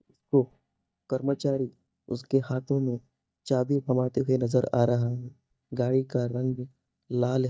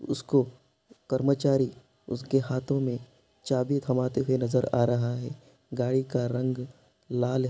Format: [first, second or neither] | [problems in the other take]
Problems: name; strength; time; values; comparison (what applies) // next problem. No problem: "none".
second | noise reduction (neural mask model DeepFilterNet 3)